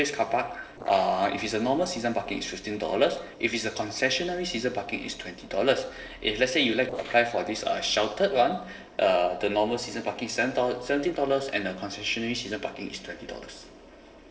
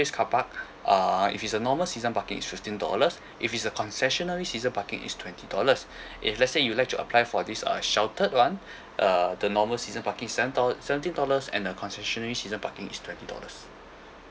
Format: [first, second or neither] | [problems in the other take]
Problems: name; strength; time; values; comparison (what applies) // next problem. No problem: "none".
second | noise reduction (neural separator model SepFormer DNS4)